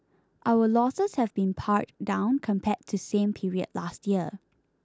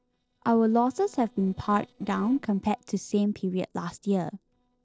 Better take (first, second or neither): first